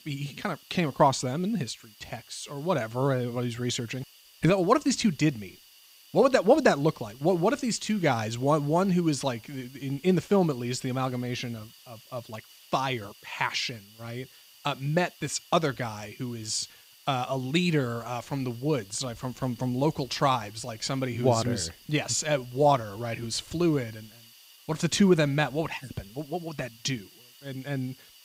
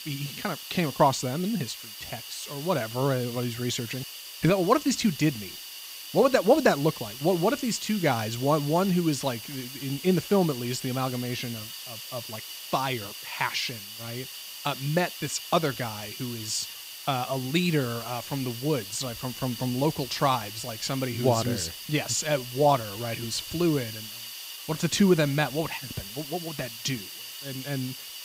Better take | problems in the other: first | hiss; loud; throughout; 10 dB below the speech; faint in the first

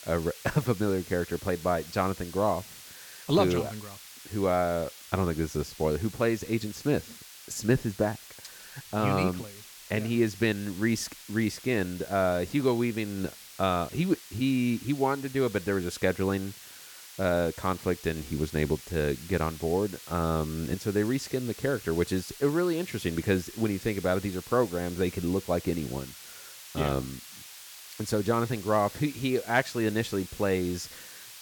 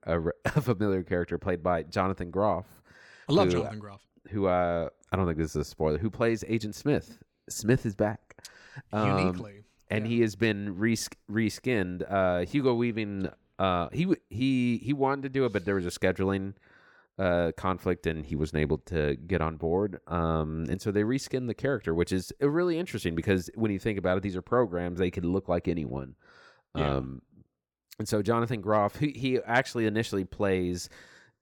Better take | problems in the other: second | hiss; noticeable; throughout; 15 dB below the speech

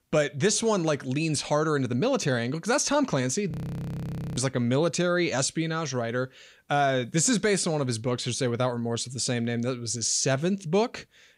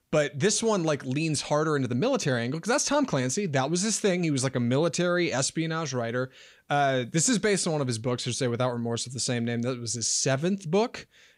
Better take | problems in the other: second | audio freezing; at 3.5 s for 1 s

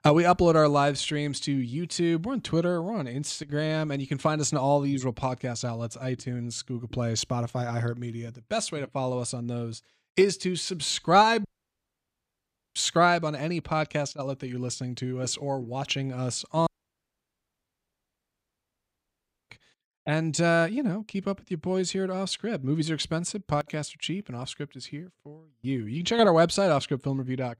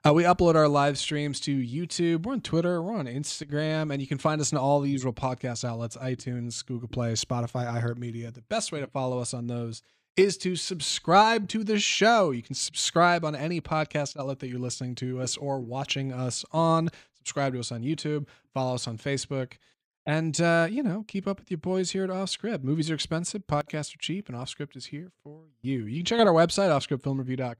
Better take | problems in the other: second | audio cutting out; at 11 s for 1.5 s and at 17 s for 3 s

